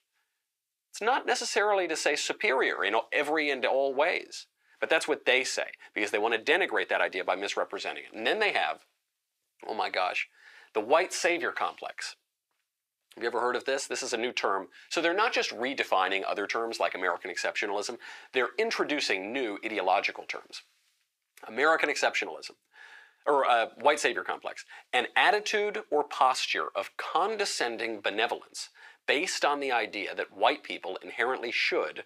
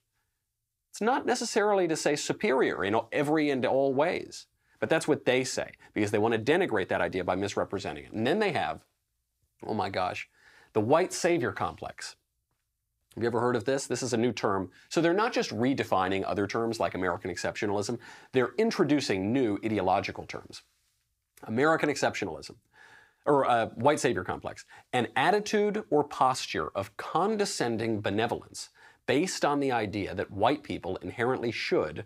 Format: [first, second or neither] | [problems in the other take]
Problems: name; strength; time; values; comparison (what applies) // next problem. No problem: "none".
second | thin; somewhat; fading below 500 Hz